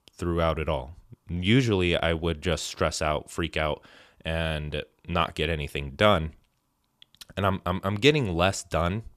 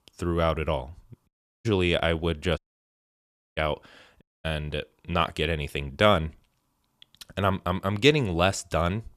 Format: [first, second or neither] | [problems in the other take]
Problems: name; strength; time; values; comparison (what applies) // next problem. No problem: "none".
first | audio cutting out; at 1.5 s, at 2.5 s for 1 s and at 4 s